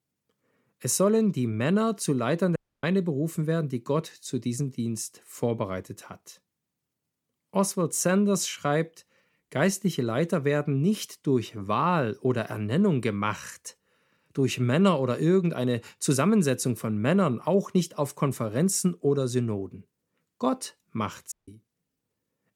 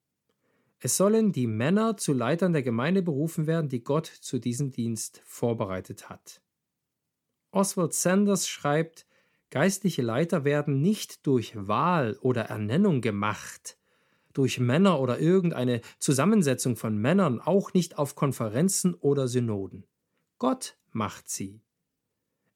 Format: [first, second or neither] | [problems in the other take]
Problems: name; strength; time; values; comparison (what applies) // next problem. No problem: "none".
second | audio cutting out; at 2.5 s and at 21 s